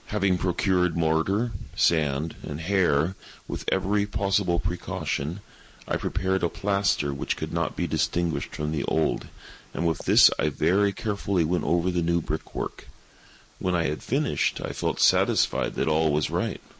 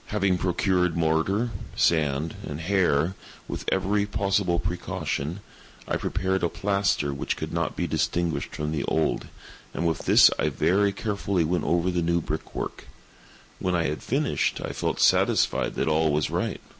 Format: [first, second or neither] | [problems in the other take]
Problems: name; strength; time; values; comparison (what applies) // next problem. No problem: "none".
second | noise reduction (neural mask model Resemble Enhance denoiser)